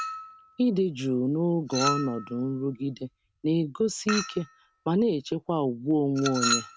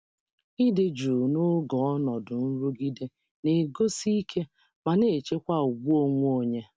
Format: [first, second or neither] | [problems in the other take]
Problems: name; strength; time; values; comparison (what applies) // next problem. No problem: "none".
second | background sound (Chink, clink); 8 dB below the speech